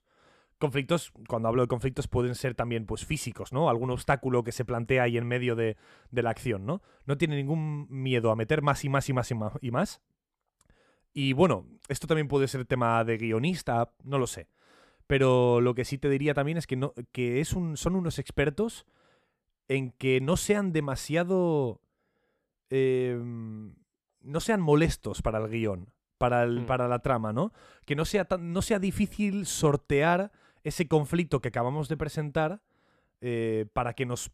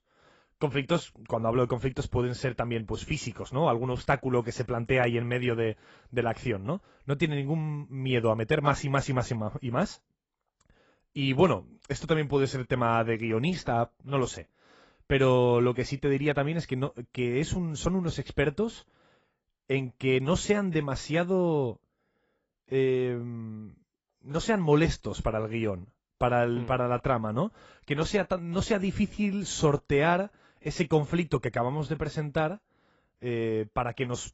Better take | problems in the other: first | garbled, watery; badly; nothing above 7.5 kHz

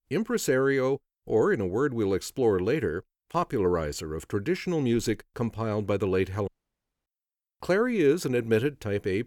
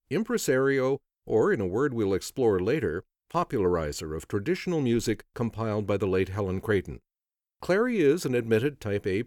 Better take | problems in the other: second | audio cutting out; at 6.5 s for 0.5 s

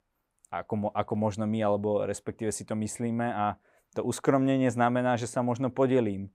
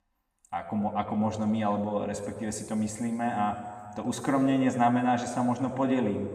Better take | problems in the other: first | room echo; noticeable; dies away in 1.6 s // off-mic speech; somewhat distant

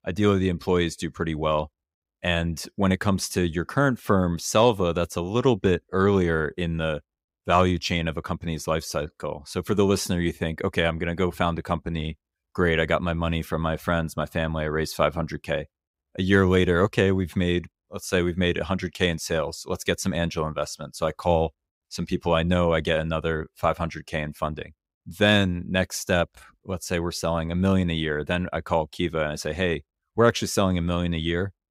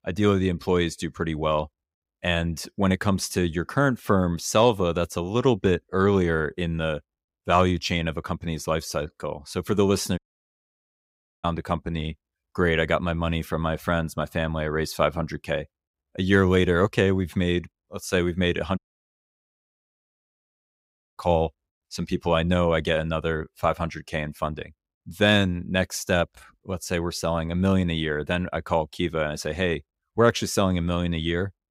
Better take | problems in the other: first | audio cutting out; at 10 s for 1.5 s and at 19 s for 2.5 s

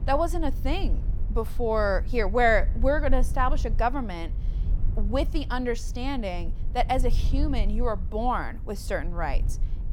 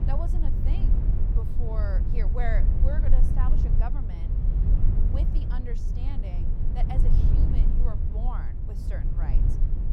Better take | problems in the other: first | low rumble; loud; throughout; 2 dB below the speech; faint in the first

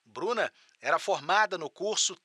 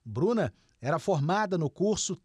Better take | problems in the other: second | thin; very; fading below 600 Hz

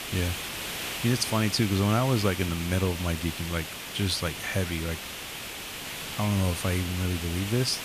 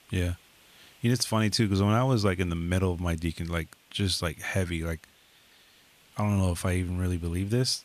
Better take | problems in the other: second | hiss; loud; throughout; 6 dB below the speech; faint in the second

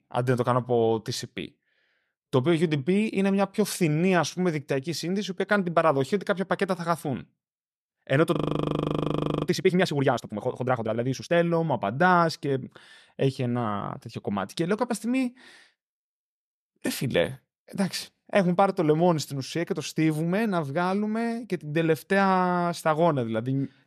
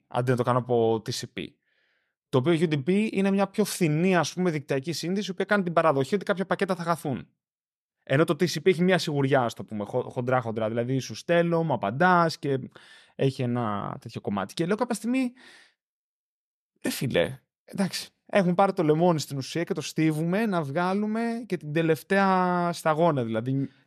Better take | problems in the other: second | audio freezing; at 8.5 s for 1 s

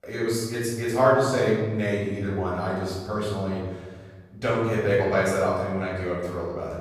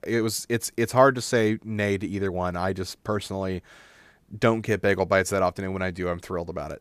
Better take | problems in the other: second | off-mic speech; far // room echo; noticeable; dies away in 1.5 s

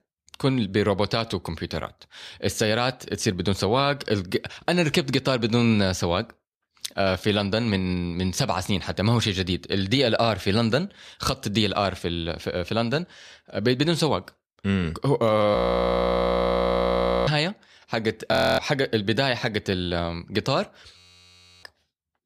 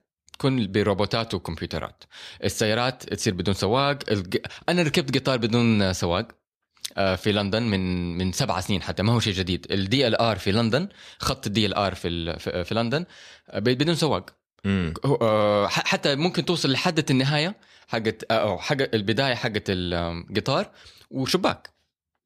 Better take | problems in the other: second | audio freezing; at 16 s for 1.5 s, at 18 s and at 21 s for 0.5 s

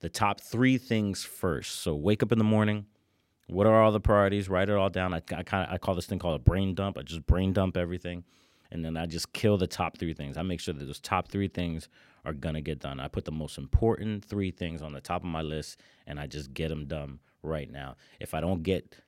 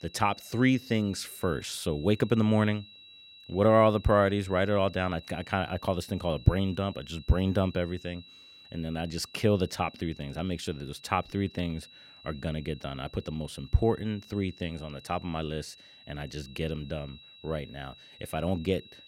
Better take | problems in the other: first | high-pitched whine; faint; throughout; 4 kHz, 20 dB below the speech

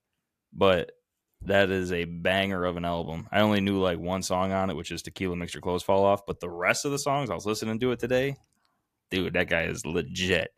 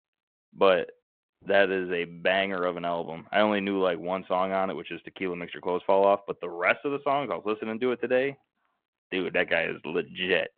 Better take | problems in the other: first | phone-call audio

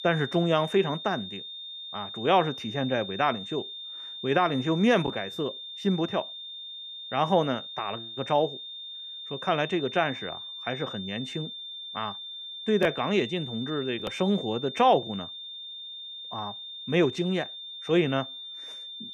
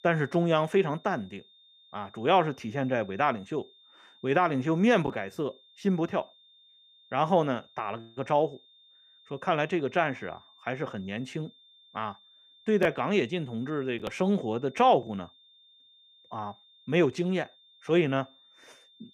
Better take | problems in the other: second | high-pitched whine; loud; throughout; 3.5 kHz, 9 dB below the speech; faint in the second

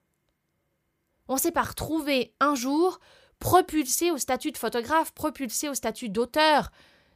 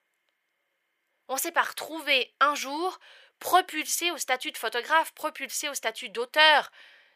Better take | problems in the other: first | thin; very; fading below 550 Hz

